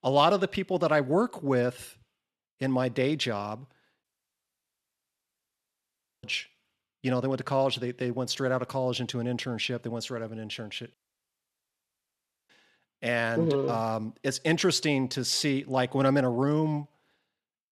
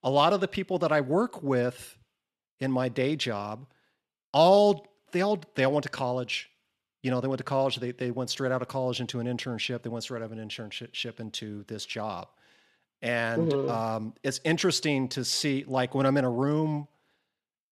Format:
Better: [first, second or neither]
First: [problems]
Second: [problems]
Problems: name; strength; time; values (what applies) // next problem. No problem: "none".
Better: second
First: audio cutting out; at 4 s for 2 s and at 11 s for 1.5 s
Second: none